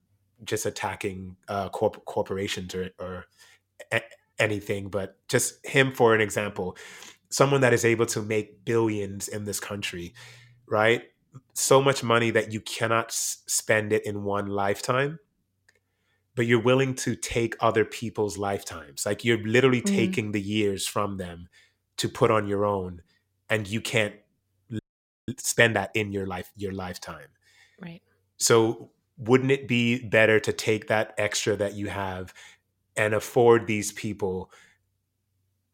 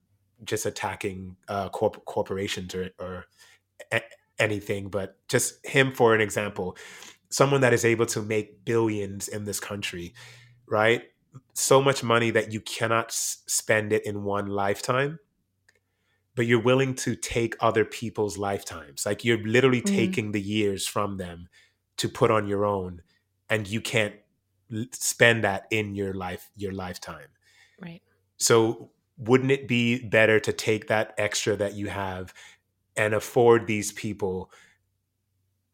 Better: second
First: audio freezing; at 25 s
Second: none

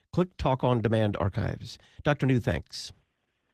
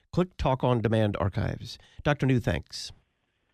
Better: second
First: garbled, watery; slightly; nothing above 14.5 kHz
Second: none

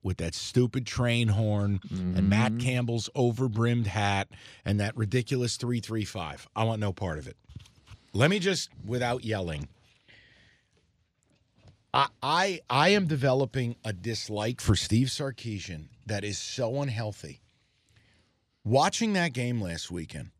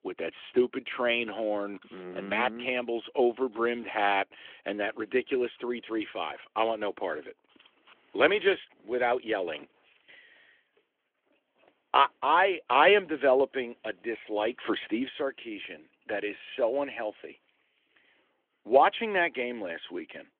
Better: first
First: none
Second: phone-call audio

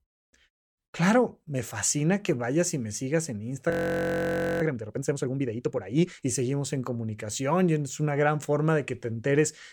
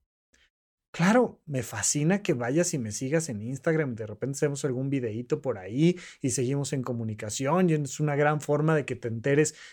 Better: second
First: audio freezing; at 3.5 s for 1 s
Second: none

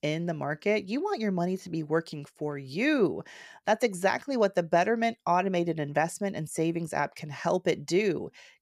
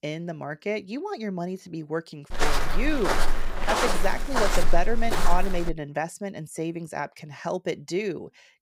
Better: first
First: none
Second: footsteps; loud; from 2.5 to 5.5 s; peak 5 dB above the speech

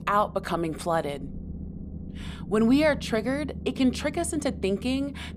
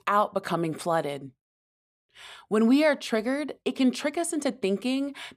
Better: second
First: low rumble; noticeable; throughout; 20 dB below the speech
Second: none

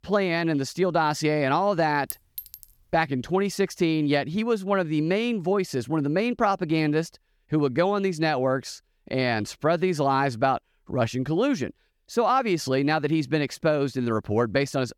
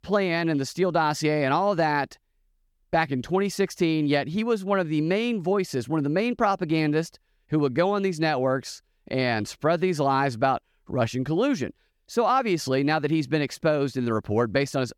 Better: second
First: clattering dishes; faint; at 2 s; peak 10 dB below the speech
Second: none

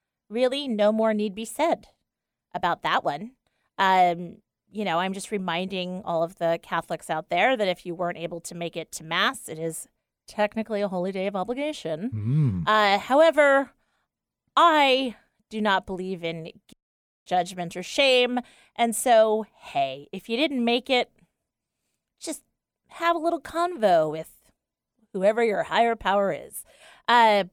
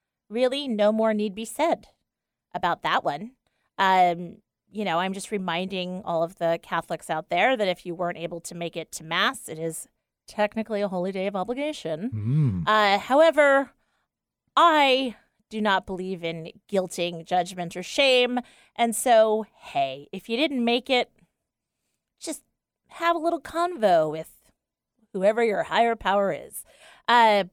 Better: second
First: audio cutting out; at 17 s for 0.5 s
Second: none

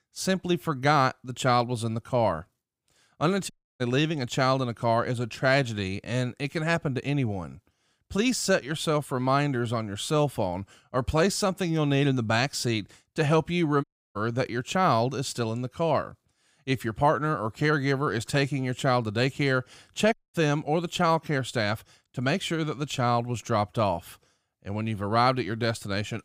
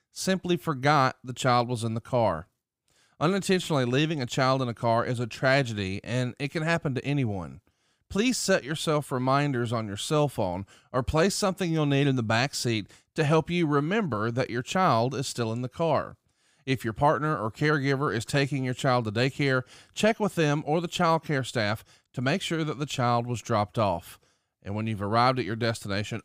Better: second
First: audio cutting out; at 3.5 s, at 14 s and at 20 s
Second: none

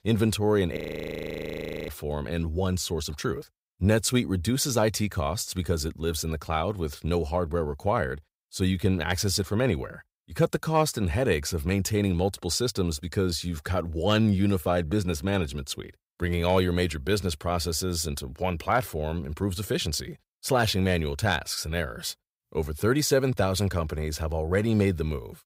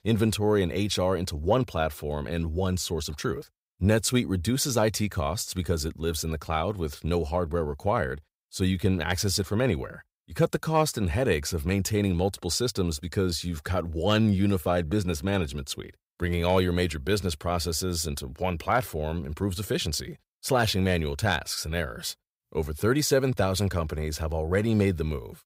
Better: second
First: audio freezing; at 1 s for 1 s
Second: none

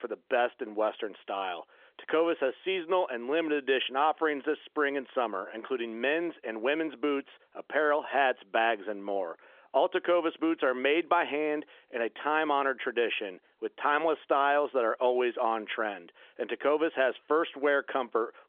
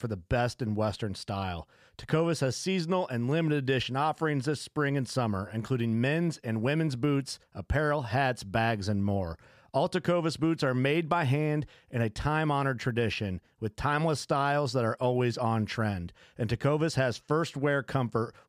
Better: second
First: phone-call audio; nothing above 3.5 kHz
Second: none

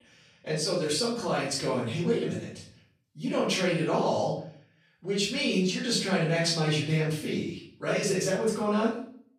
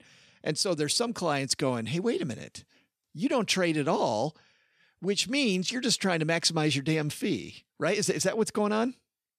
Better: second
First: off-mic speech; far // room echo; noticeable; dies away in 0.5 s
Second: none

